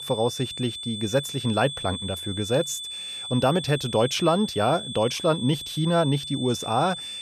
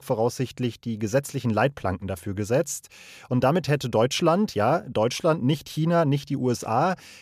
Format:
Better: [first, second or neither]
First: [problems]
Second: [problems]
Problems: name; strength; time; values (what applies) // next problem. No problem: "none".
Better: second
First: high-pitched whine; loud; throughout; 3.5 kHz, 7 dB below the speech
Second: none